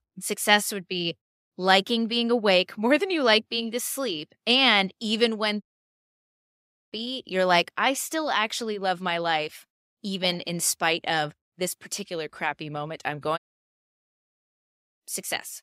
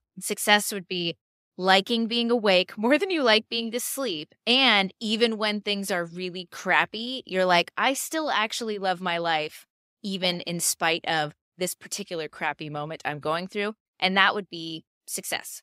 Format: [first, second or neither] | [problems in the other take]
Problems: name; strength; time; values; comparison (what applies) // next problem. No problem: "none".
second | audio cutting out; at 5.5 s for 1.5 s and at 13 s for 1.5 s